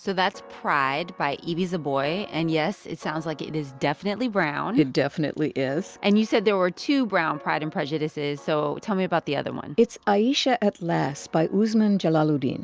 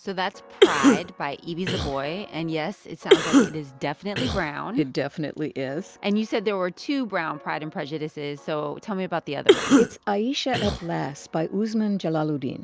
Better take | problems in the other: first | background sound (Cough); 4 dB above the speech

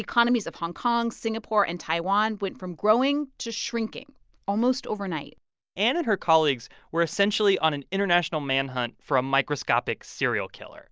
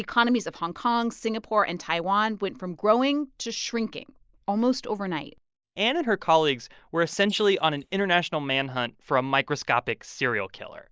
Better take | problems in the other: first | noise reduction (neural mask model Resemble Enhance denoiser)

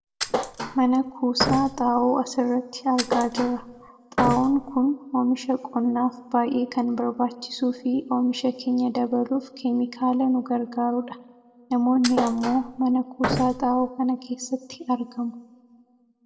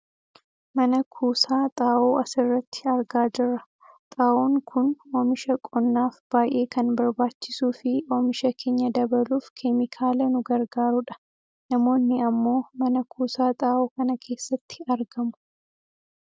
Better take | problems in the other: second | background sound (Thump, thud); 6 dB below the speech // room echo; dies away in 0.8 s

